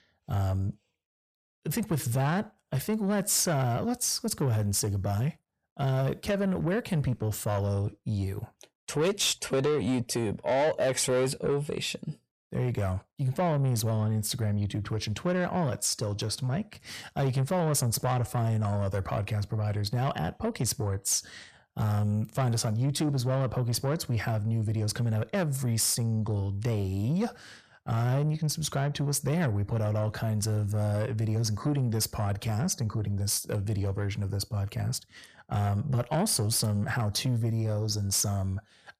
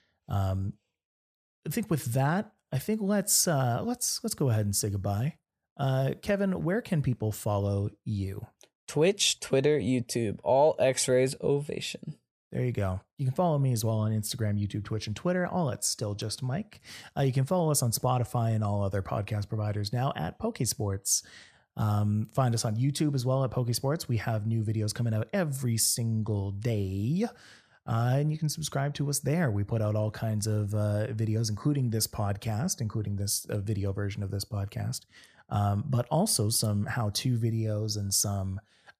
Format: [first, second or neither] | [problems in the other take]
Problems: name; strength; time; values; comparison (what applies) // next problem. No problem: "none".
second | distortion; slight; 10 dB below the speech